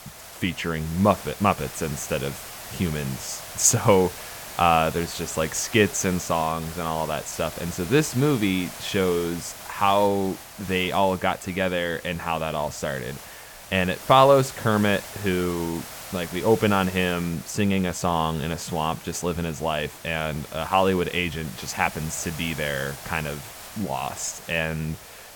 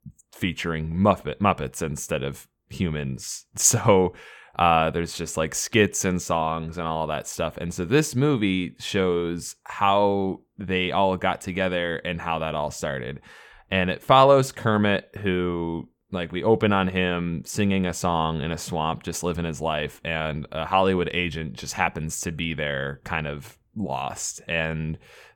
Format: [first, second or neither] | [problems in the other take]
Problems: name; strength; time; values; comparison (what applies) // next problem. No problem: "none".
second | hiss; noticeable; throughout; 15 dB below the speech